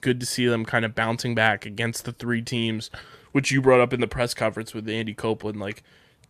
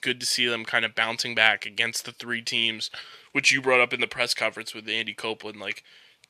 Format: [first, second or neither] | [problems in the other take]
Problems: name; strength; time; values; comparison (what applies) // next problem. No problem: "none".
first | thin; somewhat; fading below 650 Hz